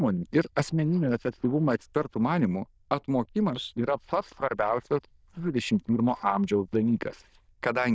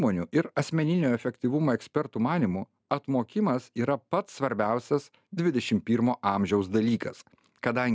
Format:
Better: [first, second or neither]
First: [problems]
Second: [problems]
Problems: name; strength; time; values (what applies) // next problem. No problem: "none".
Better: second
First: noise reduction (neural diffusion model UNIVERSE++)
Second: none